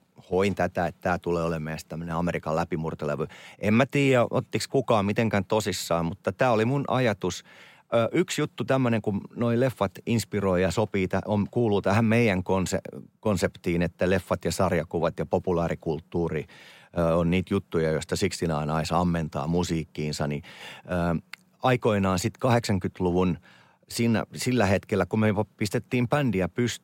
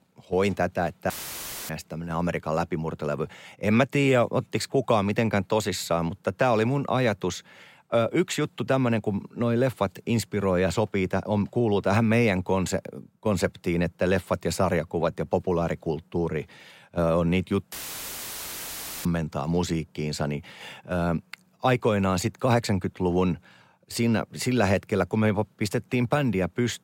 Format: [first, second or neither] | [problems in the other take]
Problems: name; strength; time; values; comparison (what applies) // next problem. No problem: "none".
first | audio cutting out; filled with static; at 1 s for 0.5 s and at 18 s for 1.5 s